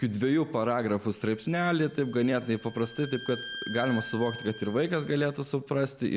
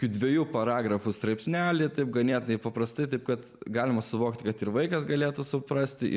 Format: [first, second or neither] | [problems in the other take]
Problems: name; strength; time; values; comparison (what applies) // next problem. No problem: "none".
second | background sound (Bowed string instrument); 16 dB below the speech